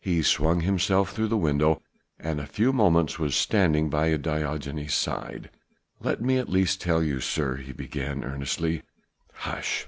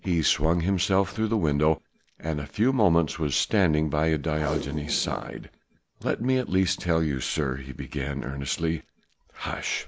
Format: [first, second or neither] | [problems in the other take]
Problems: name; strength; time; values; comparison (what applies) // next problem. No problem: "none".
first | background sound (Packing tape, duct tape); 18 dB below the speech